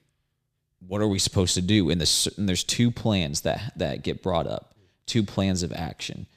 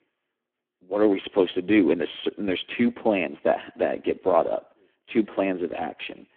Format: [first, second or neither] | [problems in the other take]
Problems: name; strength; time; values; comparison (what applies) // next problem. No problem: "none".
first | phone-call audio; poor line